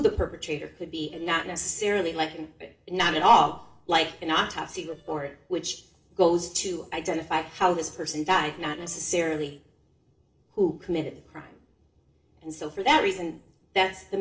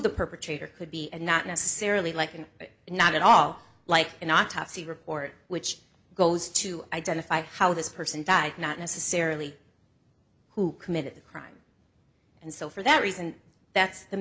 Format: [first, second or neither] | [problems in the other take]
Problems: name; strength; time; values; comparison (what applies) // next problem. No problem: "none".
second | noise reduction (neural separator model SepFormer DNS4)